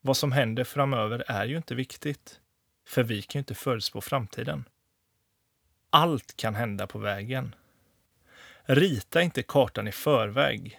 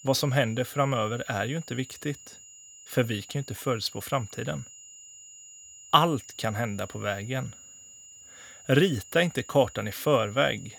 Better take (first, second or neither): first